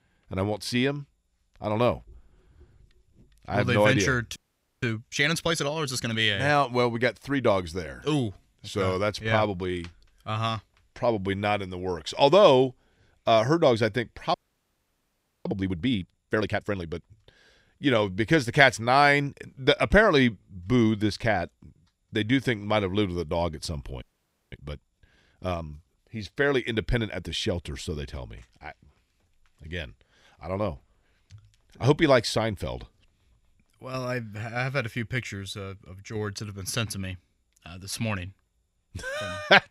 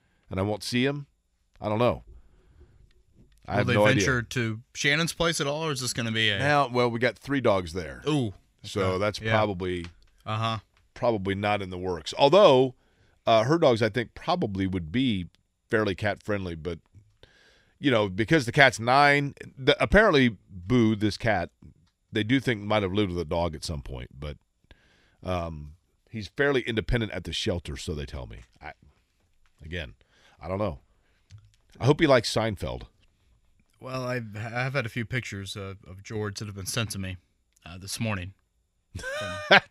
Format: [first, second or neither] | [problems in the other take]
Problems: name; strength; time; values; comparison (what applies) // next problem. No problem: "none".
second | audio freezing; at 4.5 s, at 14 s for 1 s and at 24 s for 0.5 s